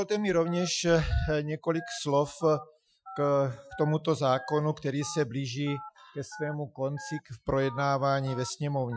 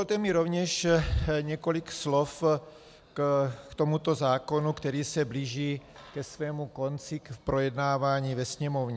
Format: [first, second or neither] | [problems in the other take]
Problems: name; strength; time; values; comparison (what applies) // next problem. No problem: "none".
second | noise reduction (classical method Wiener filter)